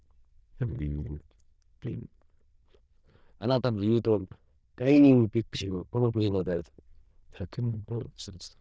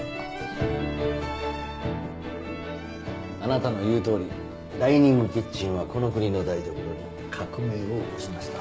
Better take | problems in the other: second | noise reduction (neural diffusion model UNIVERSE++)

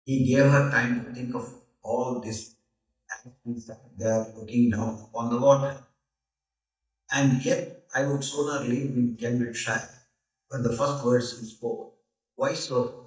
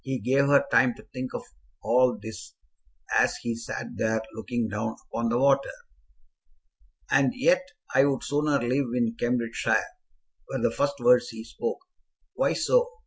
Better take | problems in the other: second | noise reduction (neural mask model DeepFilterNet 3)

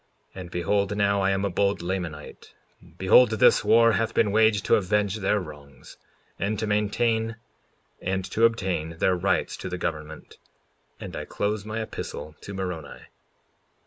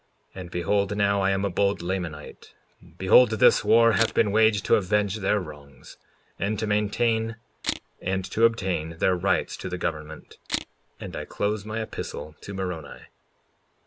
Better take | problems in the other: first | background sound (Camera); 9 dB below the speech

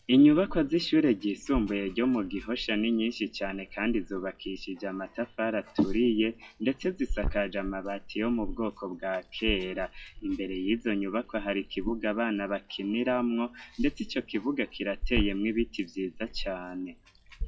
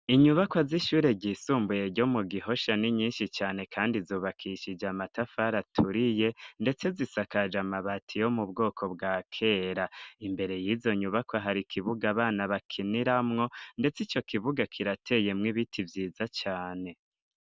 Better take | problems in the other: second | noise reduction (classical method WPE with log-MMSE)

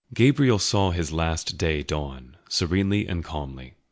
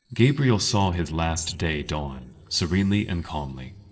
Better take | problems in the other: first | noise reduction (neural separator model SepFormer DNS4)

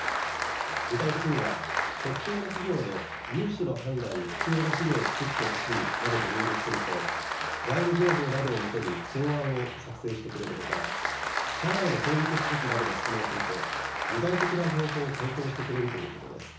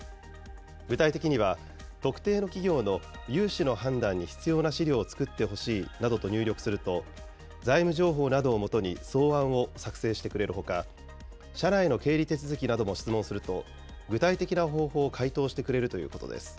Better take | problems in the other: second | background sound (Applause); 1 dB below the speech // room echo; dies away in 0.7 s

